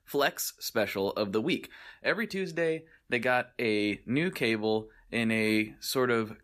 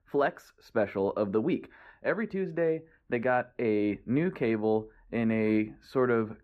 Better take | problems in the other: first | muffled; very; fading above 3 kHz

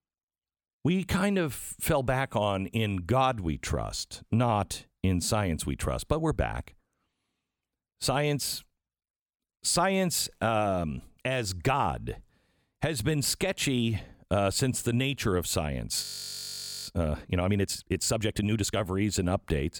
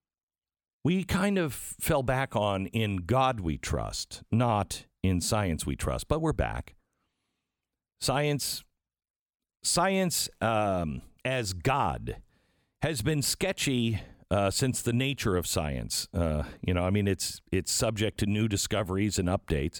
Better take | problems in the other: second | audio freezing; at 16 s for 1 s

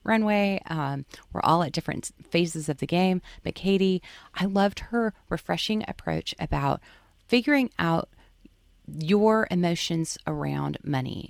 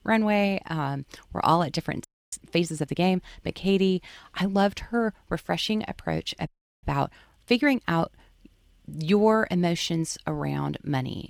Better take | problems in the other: first | audio freezing; at 2 s and at 6.5 s

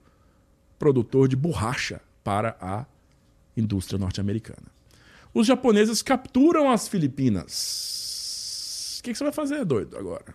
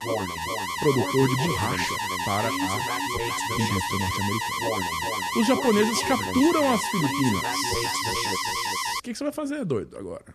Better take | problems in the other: first | alarm; loud; until 9 s; peak 1 dB above the speech

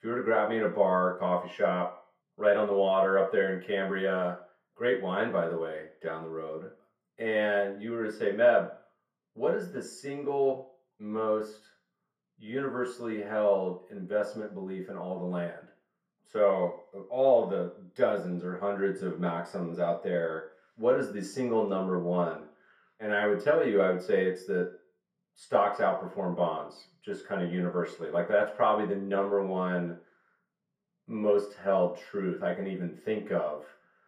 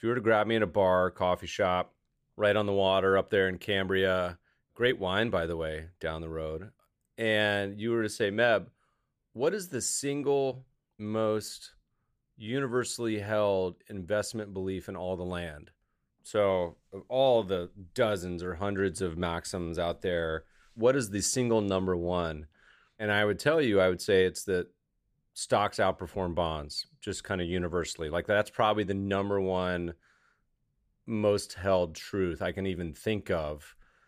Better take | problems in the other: second | room echo; slight; dies away in 0.4 s // off-mic speech; far

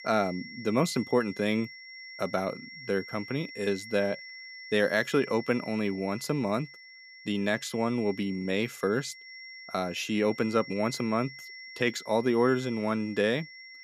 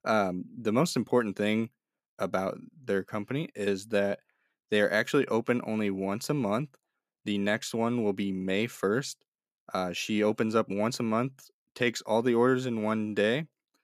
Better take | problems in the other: second | high-pitched whine; noticeable; throughout; 2 kHz, 15 dB below the speech

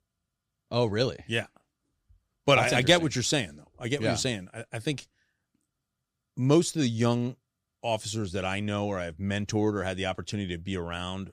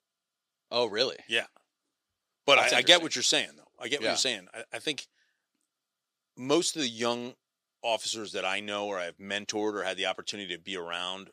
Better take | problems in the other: first | thin; somewhat; fading below 400 Hz

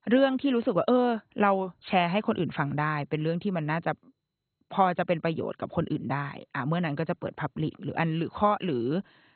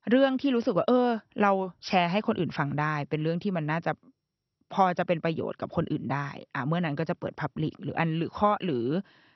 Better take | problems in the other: second | garbled, watery; badly; nothing above 4 kHz; slightly in the second

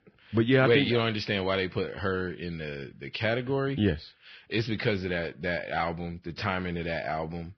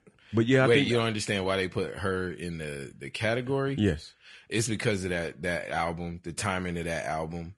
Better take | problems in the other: second | garbled, watery; badly; nothing above 5.5 kHz; slightly in the second

